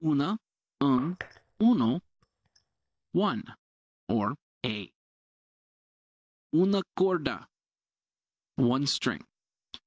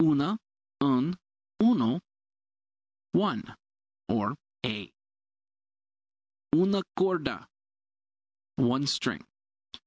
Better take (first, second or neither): second